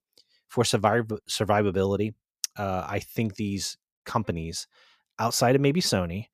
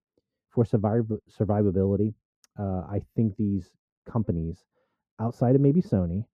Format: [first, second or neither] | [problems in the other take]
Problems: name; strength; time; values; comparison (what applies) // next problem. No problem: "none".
first | muffled; very; fading above 1 kHz